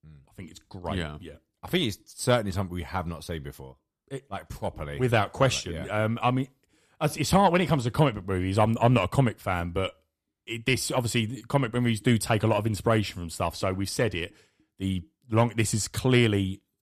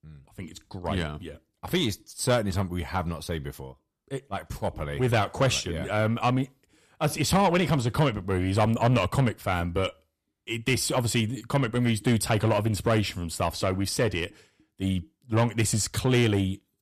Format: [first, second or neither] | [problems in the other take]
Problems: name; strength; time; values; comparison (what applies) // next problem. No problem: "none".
first | distortion; slight; 10 dB below the speech